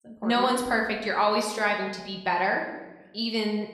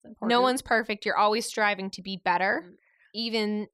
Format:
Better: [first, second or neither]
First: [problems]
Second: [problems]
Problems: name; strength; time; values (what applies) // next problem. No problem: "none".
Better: second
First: room echo; slight; dies away in 0.8 s // off-mic speech; somewhat distant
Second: none